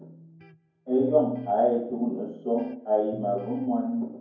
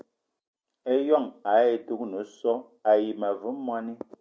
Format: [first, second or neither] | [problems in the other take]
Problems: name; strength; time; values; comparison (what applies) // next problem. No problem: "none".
second | background sound (Electric guitar); 20 dB below the speech // room echo; dies away in 0.9 s